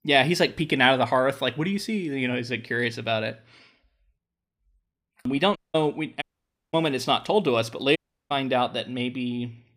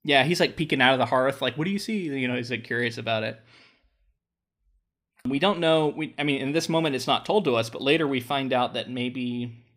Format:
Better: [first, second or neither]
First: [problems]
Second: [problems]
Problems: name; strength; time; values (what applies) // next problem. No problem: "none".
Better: second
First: audio cutting out; at 5.5 s, at 6 s for 0.5 s and at 8 s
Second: none